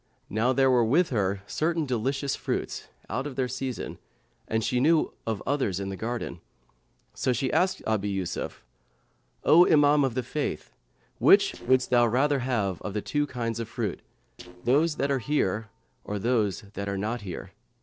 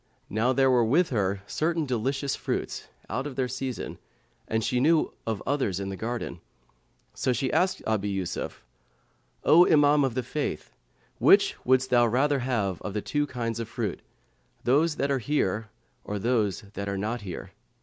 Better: second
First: noise reduction (neural separator model SepFormer DNS4)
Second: none

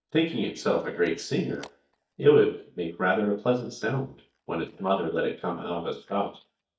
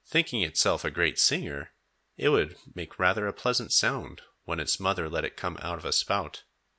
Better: second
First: noise reduction (neural mask model DeepFilterNet 3)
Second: none

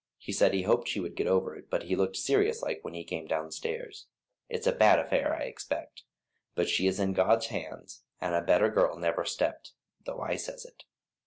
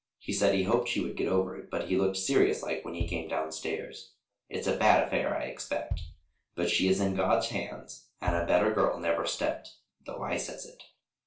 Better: first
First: none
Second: background sound (Bass drum); 12 dB below the speech // room echo; dies away in 0.3 s

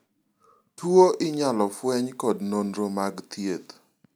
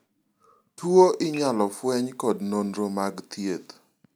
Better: first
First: none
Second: background sound (Dishes, pots, and pans / Glass); 19 dB below the speech

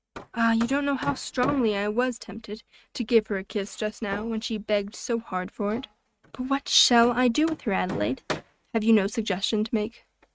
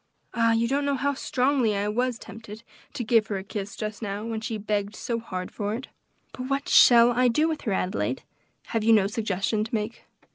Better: second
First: noise reduction (neural mask model RNNoise)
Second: none

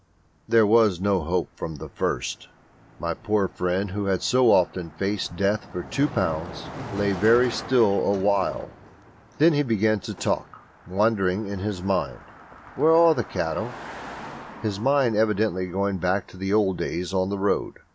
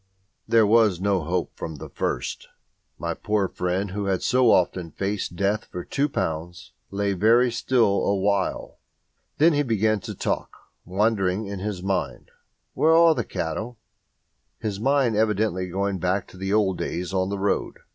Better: second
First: background sound (Car passing by); 17 dB below the speech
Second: none

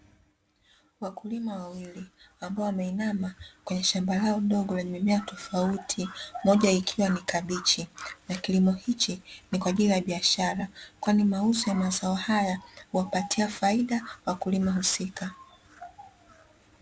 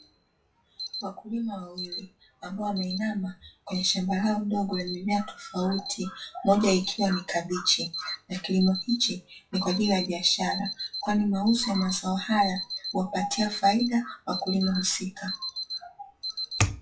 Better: first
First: none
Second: noise reduction (classical method WPE with log-MMSE)

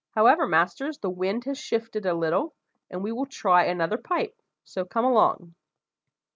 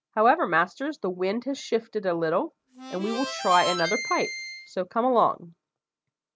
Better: first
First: none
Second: background sound (Harmonica); 7 dB below the speech

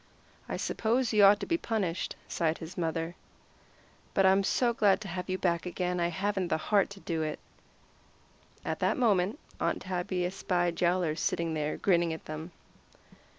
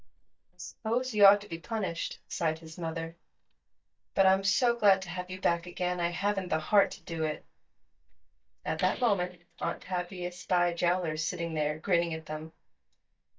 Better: first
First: none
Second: noise reduction (neural mask model DeepFilterNet 3)

